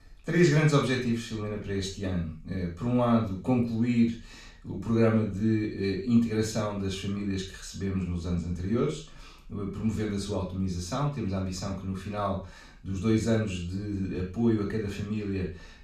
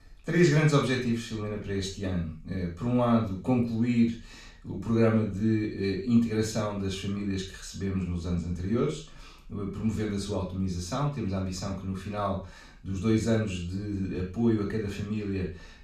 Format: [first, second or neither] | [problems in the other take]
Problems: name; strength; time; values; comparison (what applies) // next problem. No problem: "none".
neither | room echo; noticeable; dies away in 0.3 s; the same in both // off-mic speech; far; the same in both